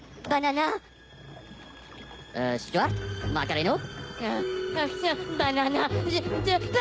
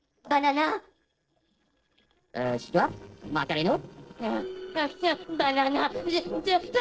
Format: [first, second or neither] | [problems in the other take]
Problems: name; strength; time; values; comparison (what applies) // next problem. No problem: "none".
first | noise reduction (neural separator model SepFormer DNS4)